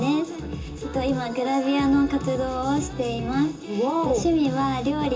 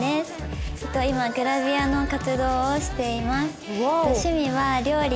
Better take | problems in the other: second | room echo; dies away in 0.2 s

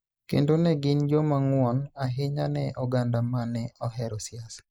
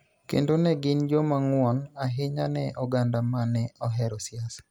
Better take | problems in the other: second | noise reduction (neural mask model Resemble Enhance denoiser)

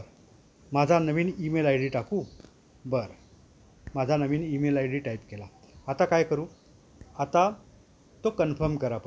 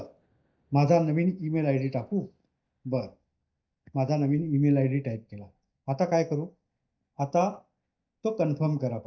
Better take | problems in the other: first | noise reduction (neural mask model DeepFilterNet 3)

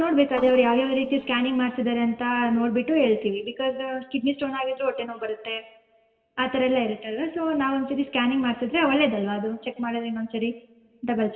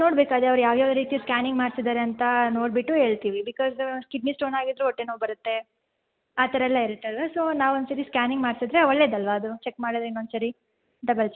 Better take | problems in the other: second | noise reduction (neural separator model SepFormer DNS4)

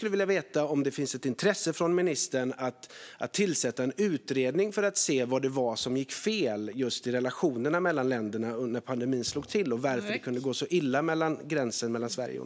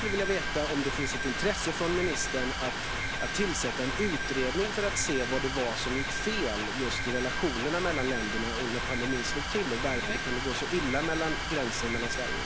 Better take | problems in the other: first | background sound (Mechanisms); as loud as the speech

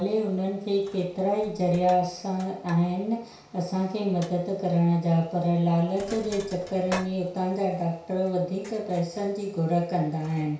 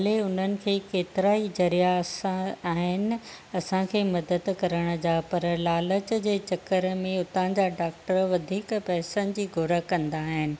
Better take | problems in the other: second | background sound (Sink (filling or washing)); 20 dB below the speech // room echo; dies away in 0.6 s

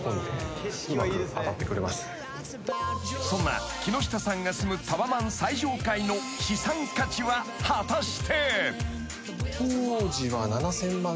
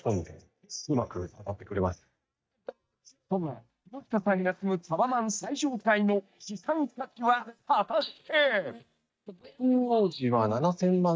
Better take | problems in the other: first | noise reduction (neural mask model DeepFilterNet 3)

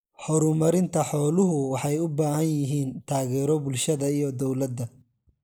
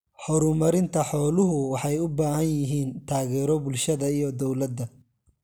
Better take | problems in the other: second | noise reduction (neural mask model Resemble Enhance denoiser)

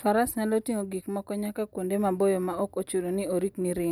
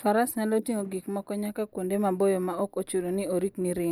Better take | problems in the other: first | noise reduction (neural mask model Resemble Enhance denoiser)

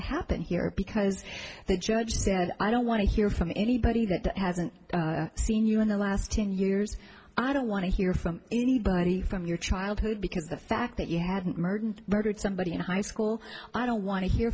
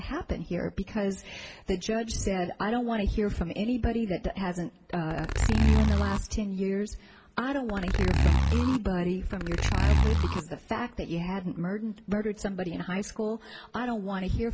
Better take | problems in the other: first | background sound (Zipper (clothing)); 4 dB above the speech

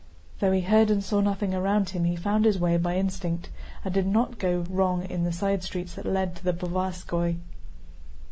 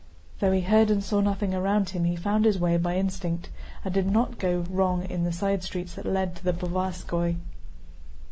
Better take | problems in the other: first | background sound (Fireworks); 13 dB below the speech

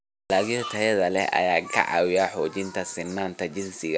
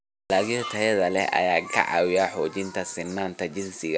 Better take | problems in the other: first | background sound (Keyboard (musical)); 20 dB below the speech

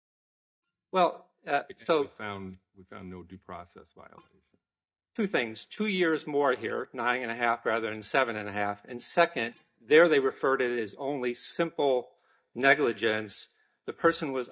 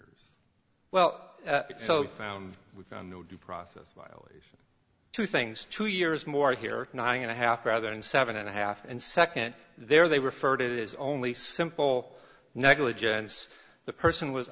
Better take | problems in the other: second | noise reduction (neural mask model DeepFilterNet 3)

